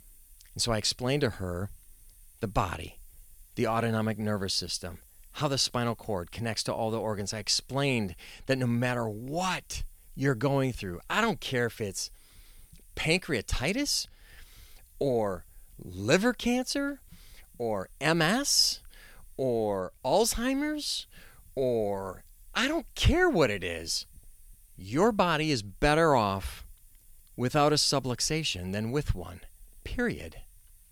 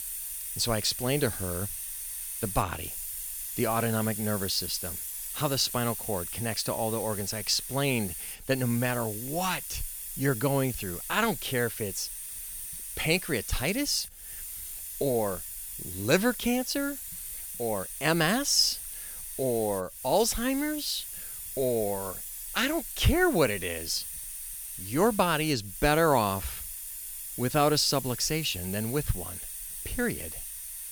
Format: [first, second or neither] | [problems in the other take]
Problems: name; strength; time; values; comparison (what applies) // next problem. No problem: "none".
first | hiss; loud; throughout; 7 dB below the speech; faint in the first